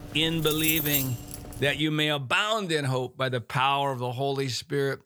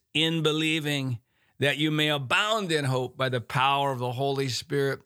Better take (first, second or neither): second